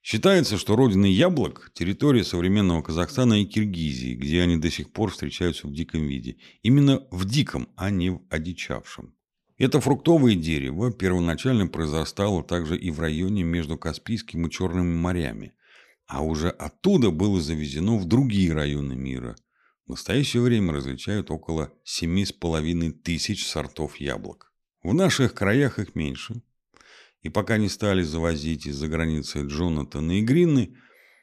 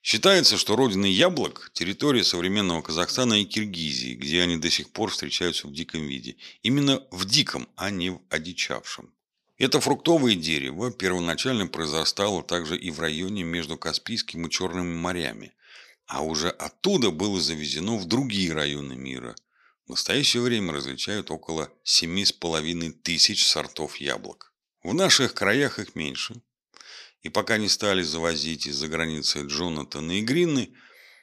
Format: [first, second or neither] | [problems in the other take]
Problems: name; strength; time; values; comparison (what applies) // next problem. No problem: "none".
first | thin; very slightly; fading below 550 Hz